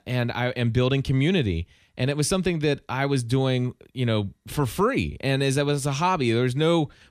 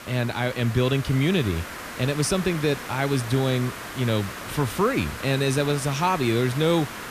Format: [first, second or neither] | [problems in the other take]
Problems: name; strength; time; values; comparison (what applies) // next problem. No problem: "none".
first | hiss; noticeable; throughout; 10 dB below the speech